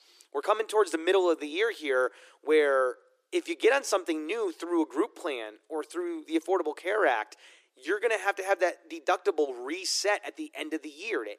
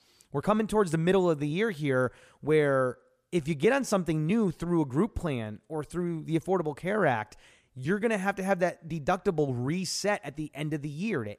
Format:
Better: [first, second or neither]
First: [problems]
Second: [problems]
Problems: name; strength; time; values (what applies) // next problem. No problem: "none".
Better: second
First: thin; very; fading below 300 Hz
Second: none